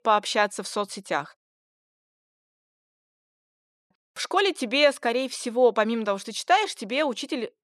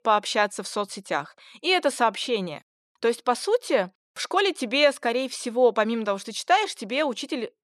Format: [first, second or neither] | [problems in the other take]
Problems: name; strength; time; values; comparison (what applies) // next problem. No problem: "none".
second | audio cutting out; at 1.5 s for 2.5 s